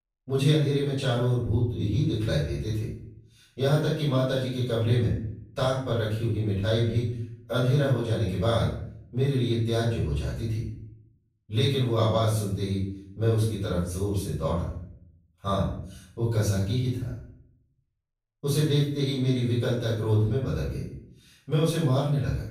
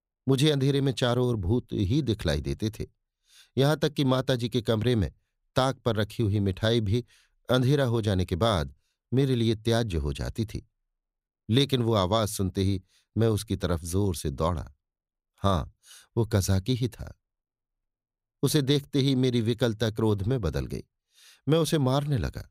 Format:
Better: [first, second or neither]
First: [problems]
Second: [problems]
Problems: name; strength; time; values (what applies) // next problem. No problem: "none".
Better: second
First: off-mic speech; far // room echo; noticeable; dies away in 0.6 s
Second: none